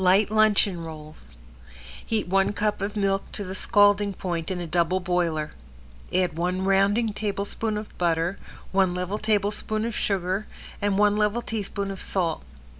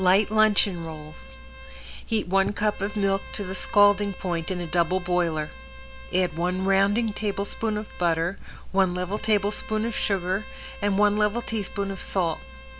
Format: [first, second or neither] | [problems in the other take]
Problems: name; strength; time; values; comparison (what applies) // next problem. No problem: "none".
first | background sound (Bowed string instrument); 19 dB below the speech